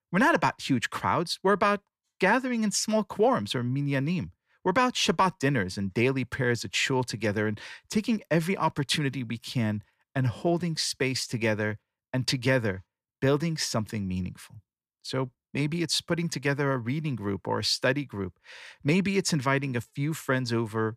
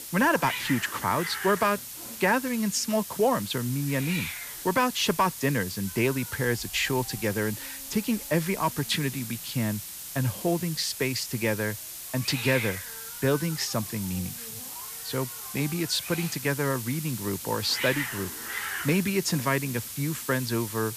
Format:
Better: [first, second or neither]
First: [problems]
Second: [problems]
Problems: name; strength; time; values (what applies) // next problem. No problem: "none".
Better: first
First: none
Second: hiss; loud; throughout; 7 dB below the speech